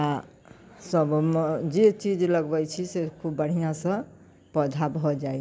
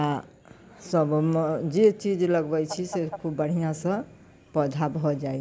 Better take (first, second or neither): first